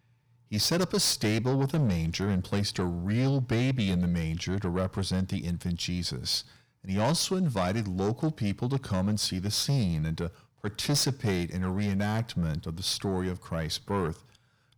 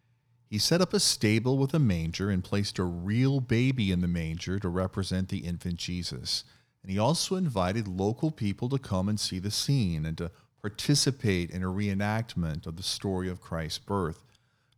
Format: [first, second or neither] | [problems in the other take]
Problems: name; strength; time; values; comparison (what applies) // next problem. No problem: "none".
second | distortion; slight; 10 dB below the speech